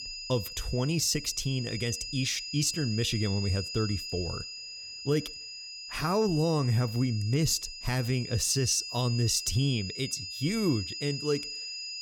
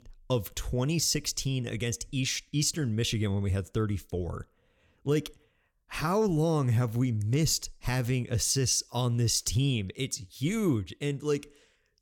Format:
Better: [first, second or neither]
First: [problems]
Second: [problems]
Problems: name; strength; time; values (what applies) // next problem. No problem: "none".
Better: second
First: high-pitched whine; loud; throughout; 5 kHz, 8 dB below the speech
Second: none